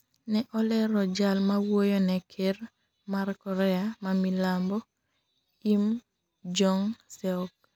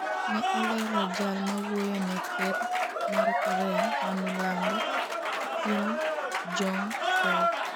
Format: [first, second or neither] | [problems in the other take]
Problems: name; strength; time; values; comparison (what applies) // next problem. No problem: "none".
first | background sound (Applause / Cheering); 4 dB above the speech